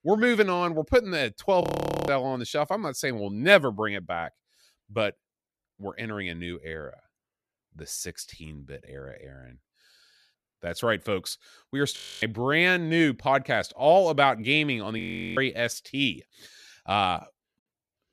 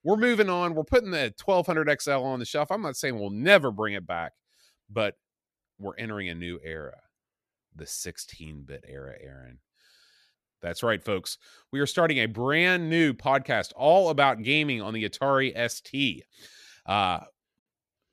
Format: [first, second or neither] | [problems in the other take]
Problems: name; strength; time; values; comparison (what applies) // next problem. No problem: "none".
second | audio freezing; at 1.5 s, at 12 s and at 15 s